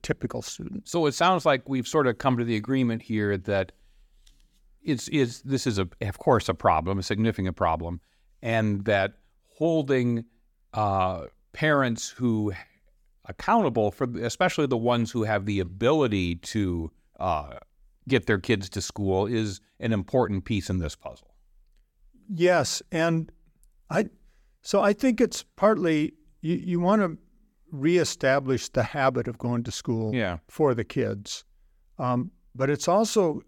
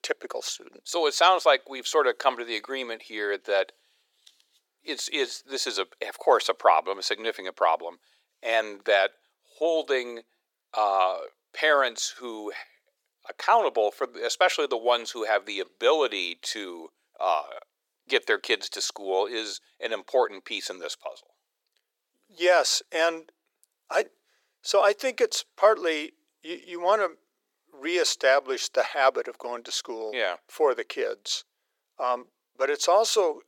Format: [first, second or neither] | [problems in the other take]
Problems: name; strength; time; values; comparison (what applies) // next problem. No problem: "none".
first | thin; very; fading below 400 Hz